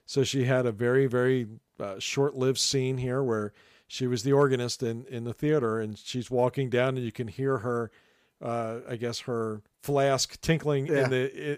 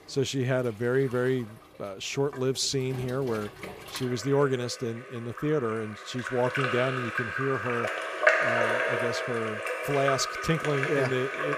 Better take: first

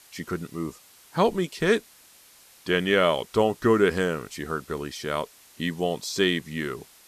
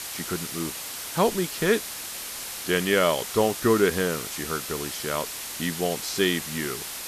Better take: first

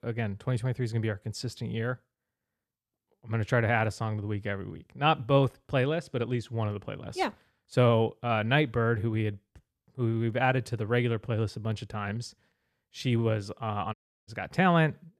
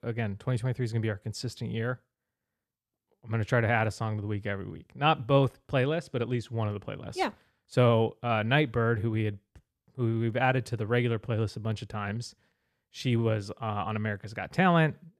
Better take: second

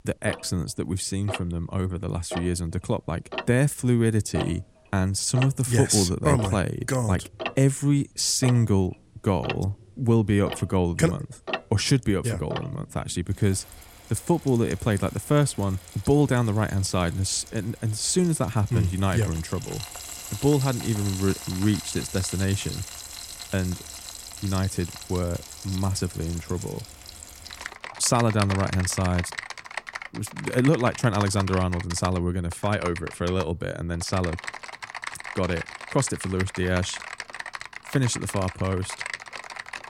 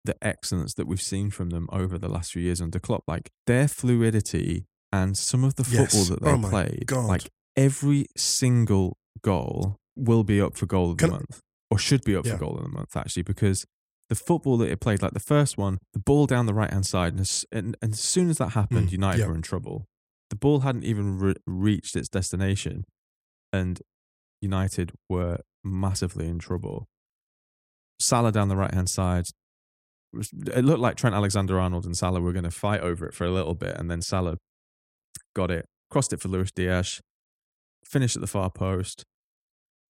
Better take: second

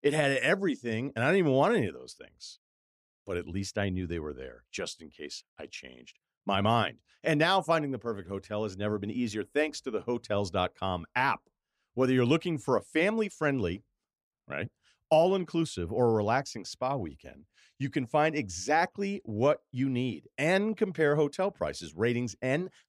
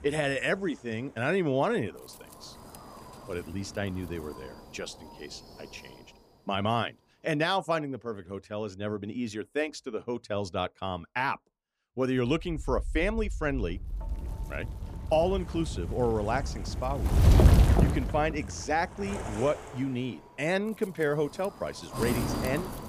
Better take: first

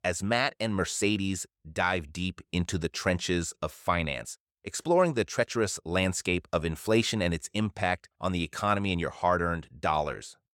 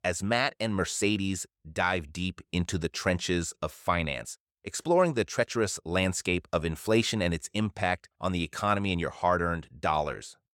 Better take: neither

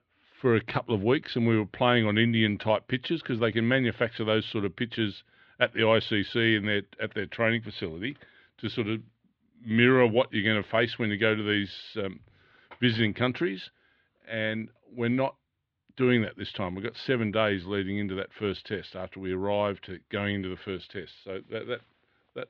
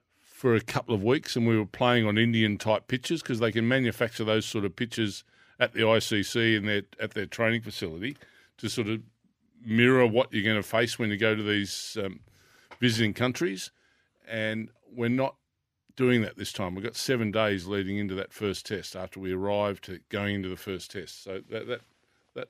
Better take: second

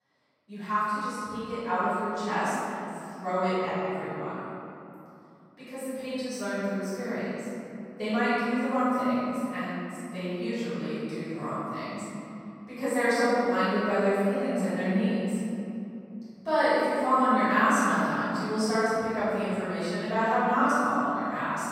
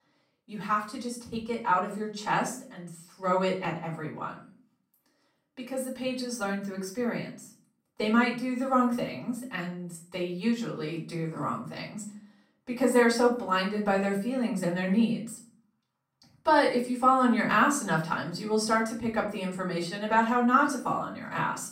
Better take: second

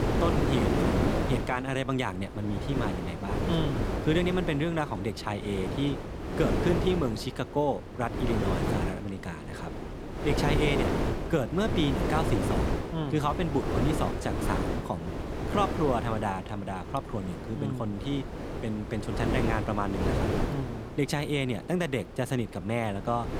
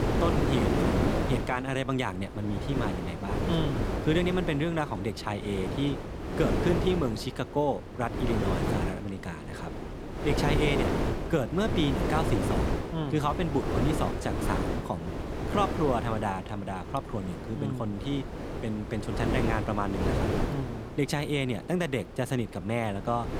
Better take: neither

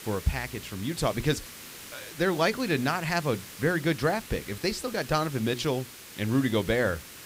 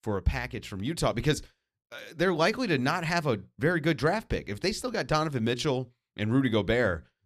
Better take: second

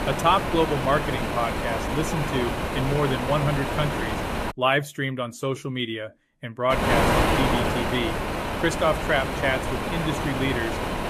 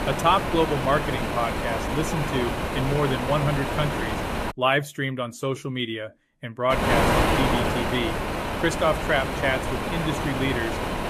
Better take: neither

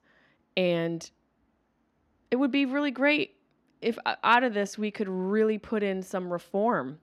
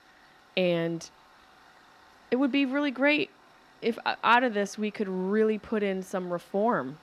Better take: first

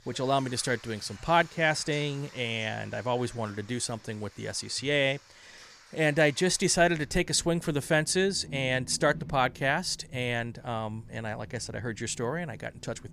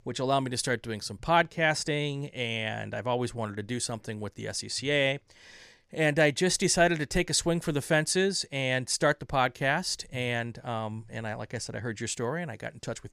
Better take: second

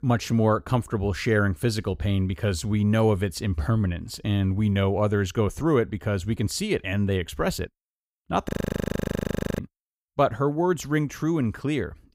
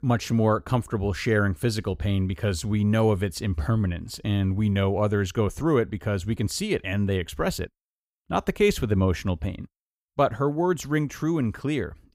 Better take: second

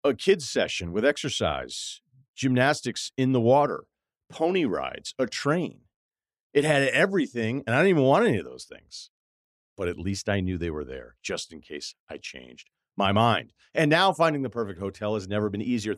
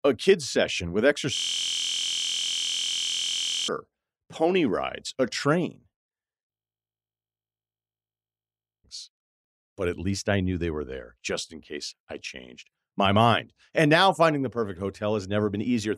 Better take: first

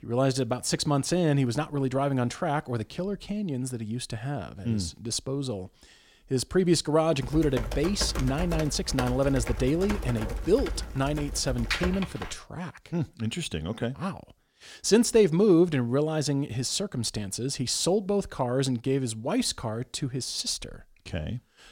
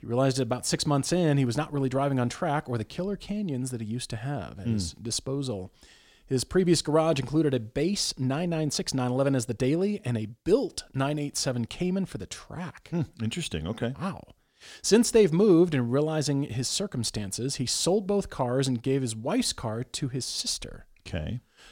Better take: second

